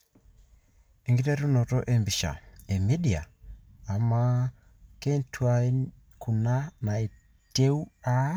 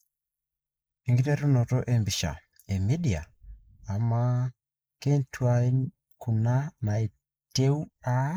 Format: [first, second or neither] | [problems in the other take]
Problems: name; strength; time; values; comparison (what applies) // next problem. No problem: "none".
first | noise reduction (neural mask model Resemble Enhance denoiser)